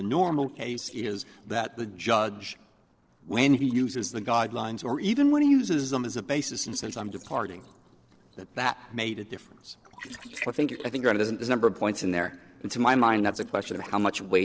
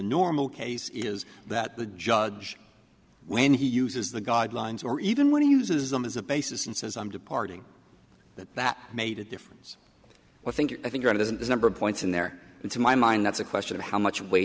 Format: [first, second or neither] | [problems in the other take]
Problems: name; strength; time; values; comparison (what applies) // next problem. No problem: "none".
second | noise reduction (neural separator model SepFormer DNS4)